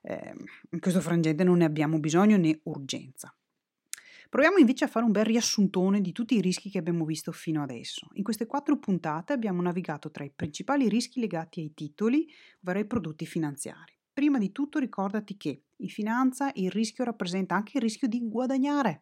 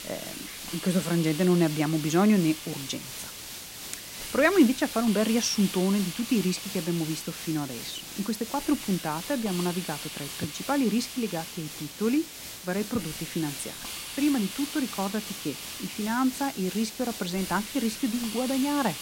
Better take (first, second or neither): first